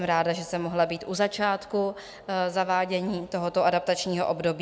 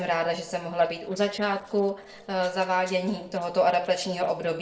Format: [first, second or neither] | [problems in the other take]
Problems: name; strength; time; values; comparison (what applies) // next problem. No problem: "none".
first | noise reduction (neural separator model SepFormer DNS4)